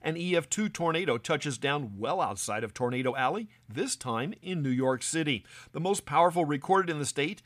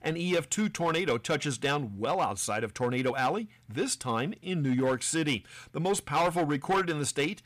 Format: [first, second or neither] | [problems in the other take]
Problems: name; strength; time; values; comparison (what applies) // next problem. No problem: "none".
first | distortion; slight; 6% of the sound clipped